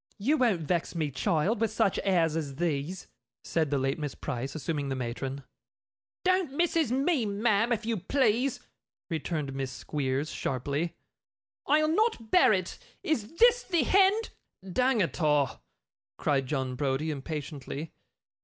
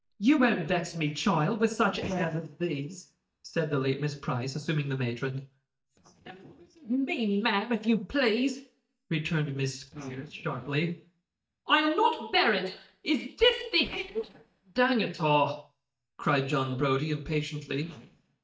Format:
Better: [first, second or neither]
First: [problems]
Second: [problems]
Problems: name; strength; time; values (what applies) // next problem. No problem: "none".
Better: first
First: none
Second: noise reduction (neural mask model DeepFilterNet 3)